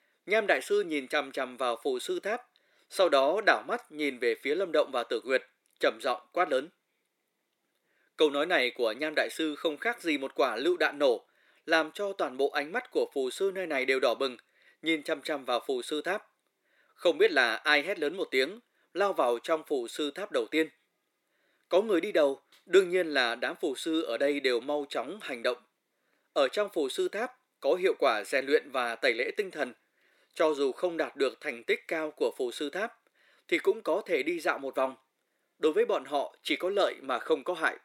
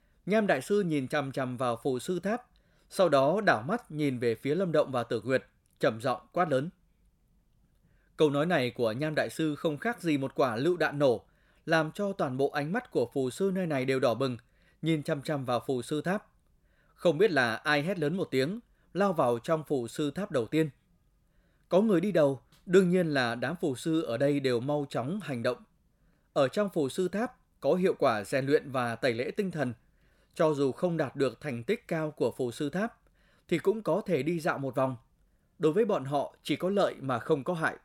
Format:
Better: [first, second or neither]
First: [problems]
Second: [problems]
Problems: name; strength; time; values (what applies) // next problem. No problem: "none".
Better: second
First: thin; somewhat; fading below 350 Hz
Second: none